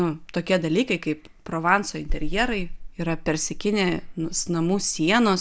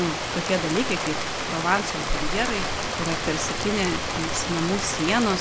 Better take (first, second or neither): first